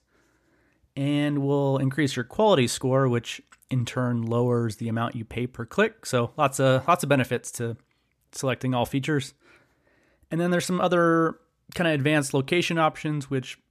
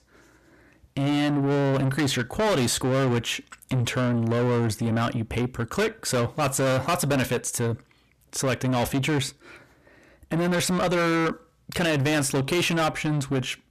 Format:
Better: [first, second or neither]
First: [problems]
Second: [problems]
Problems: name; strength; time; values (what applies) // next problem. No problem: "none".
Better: first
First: none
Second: distortion; heavy; 6 dB below the speech